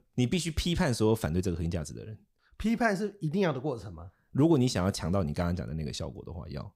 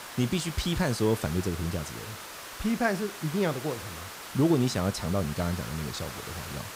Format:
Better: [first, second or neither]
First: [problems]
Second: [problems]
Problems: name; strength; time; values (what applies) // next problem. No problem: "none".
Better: first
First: none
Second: hiss; noticeable; throughout; 10 dB below the speech